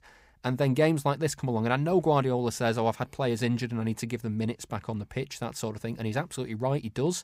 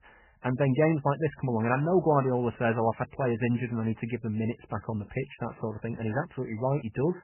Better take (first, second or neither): first